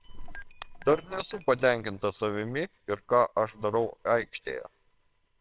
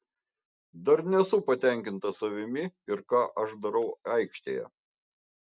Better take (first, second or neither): second